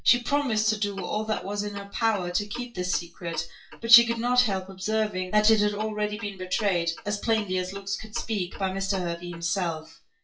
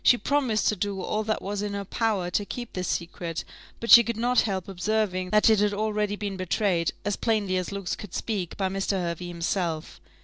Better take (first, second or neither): second